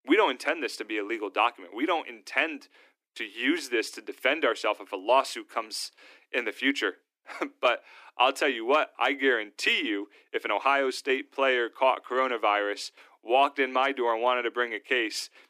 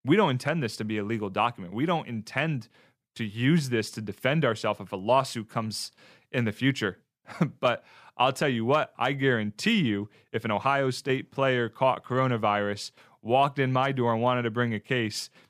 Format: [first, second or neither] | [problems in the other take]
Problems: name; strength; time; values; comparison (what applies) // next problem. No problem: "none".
second | thin; somewhat; fading below 300 Hz